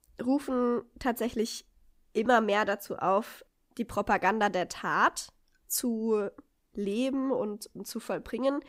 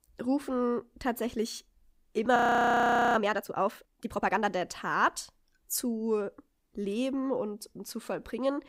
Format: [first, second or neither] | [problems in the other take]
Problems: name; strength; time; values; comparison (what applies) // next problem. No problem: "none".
first | audio freezing; at 2.5 s for 1 s